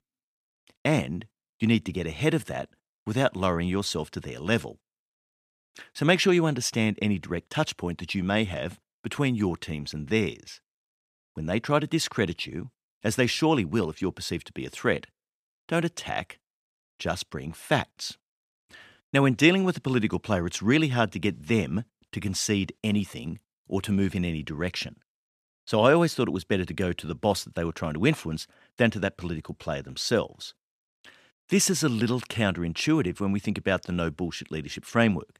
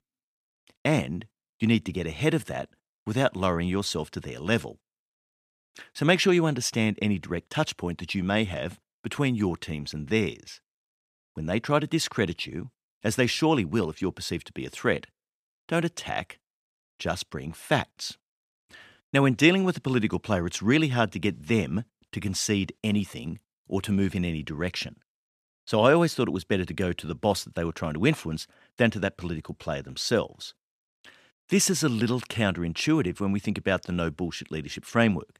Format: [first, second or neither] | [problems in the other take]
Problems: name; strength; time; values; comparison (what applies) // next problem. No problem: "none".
neither | none